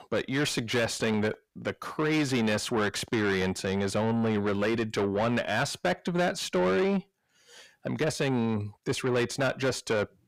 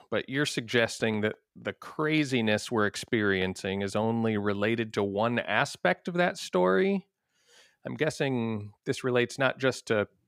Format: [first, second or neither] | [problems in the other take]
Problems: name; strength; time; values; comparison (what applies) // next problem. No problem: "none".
second | distortion; heavy; 7 dB below the speech